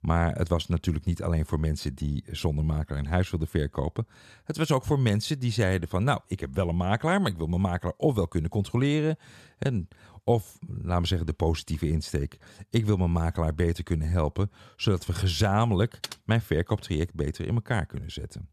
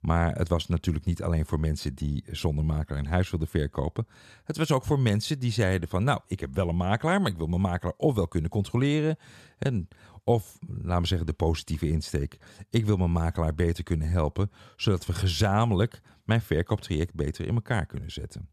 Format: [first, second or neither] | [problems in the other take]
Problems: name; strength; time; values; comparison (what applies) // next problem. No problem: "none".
second | keyboard typing; faint; at 16 s; peak 10 dB below the speech